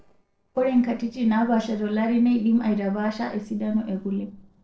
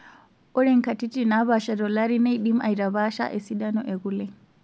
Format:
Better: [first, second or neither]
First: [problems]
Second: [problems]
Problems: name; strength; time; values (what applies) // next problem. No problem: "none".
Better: second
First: noise reduction (neural separator model SepFormer DNS4)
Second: none